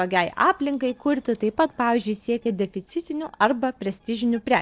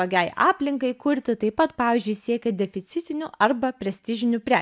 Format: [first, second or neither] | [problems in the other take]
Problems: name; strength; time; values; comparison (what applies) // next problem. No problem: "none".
second | noise reduction (neural separator model SepFormer DNS4)